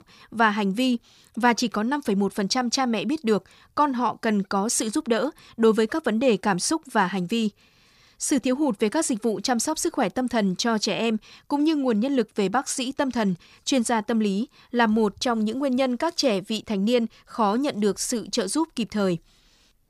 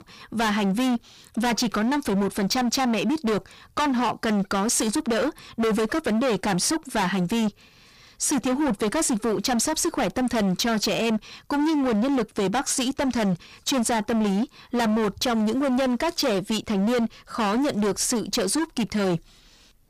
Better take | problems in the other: first | distortion; heavy; 29% of the sound clipped

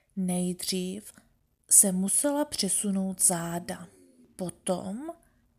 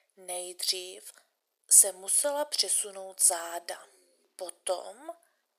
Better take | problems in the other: first | thin; very; fading below 400 Hz

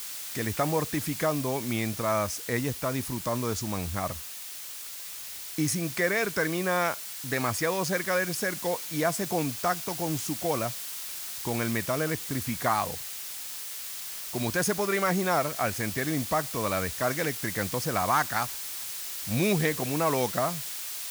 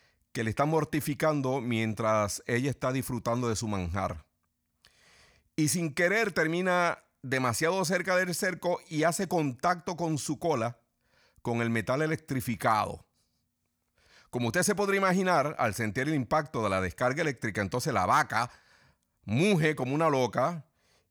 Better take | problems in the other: second | hiss; loud; throughout; 5 dB below the speech

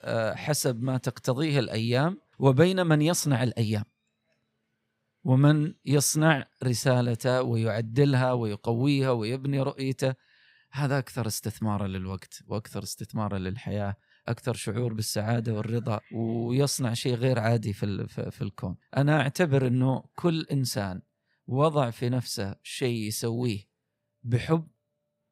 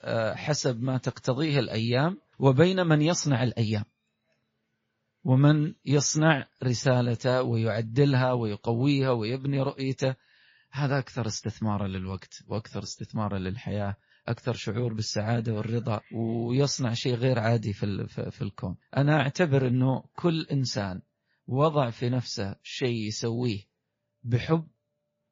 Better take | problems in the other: first | garbled, watery; slightly; nothing above 7 kHz

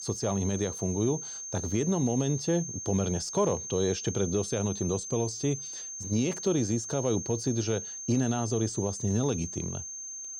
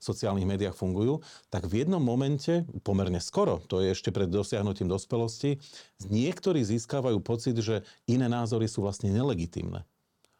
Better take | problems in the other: second | high-pitched whine; loud; throughout; 6.5 kHz, 6 dB below the speech

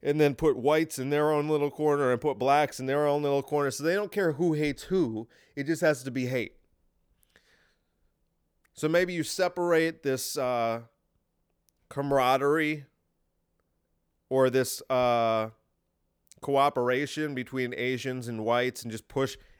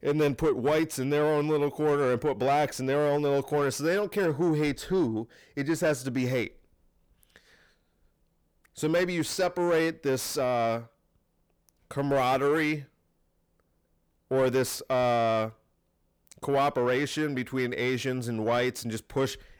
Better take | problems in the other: first | distortion; slight; 10 dB below the speech

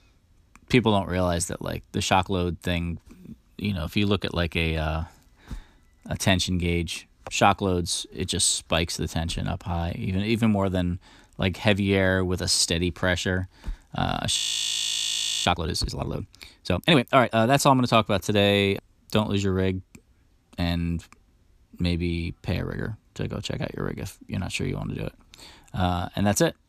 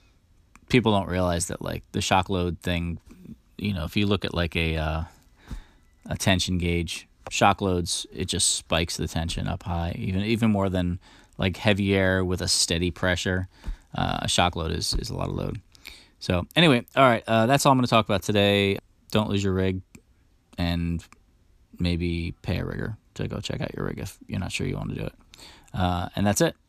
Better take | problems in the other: second | audio freezing; at 14 s for 1 s

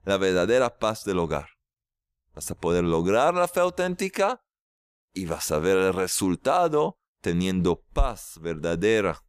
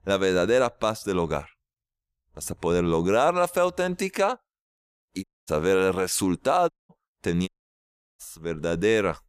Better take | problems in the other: first | audio cutting out; at 5 s, at 6.5 s and at 7.5 s for 0.5 s

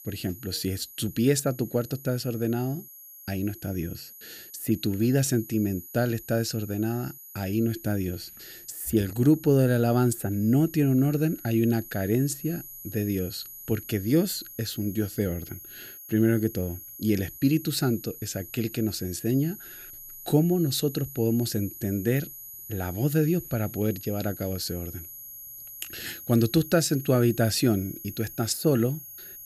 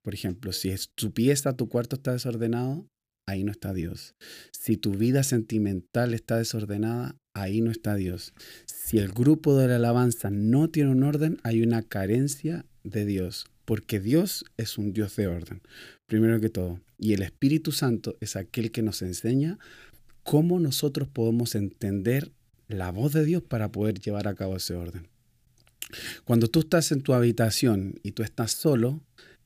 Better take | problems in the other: second | high-pitched whine; noticeable; throughout; 12 kHz, 15 dB below the speech

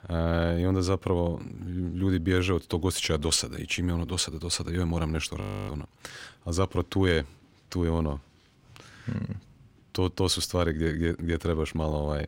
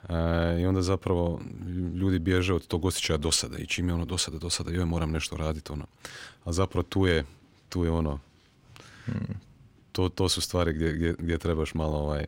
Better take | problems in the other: second | audio freezing; at 5.5 s

